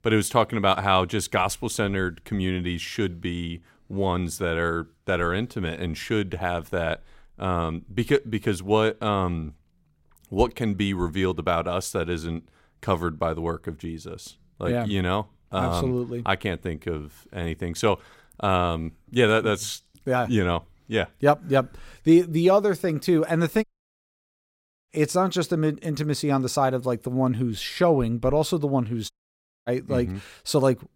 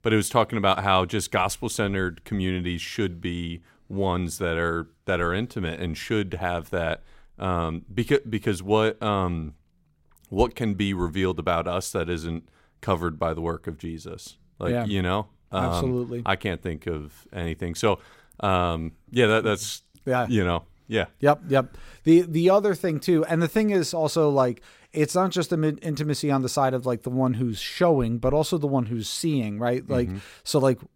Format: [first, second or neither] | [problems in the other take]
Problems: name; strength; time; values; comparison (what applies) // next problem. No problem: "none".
second | audio cutting out; at 24 s for 1 s and at 29 s for 0.5 s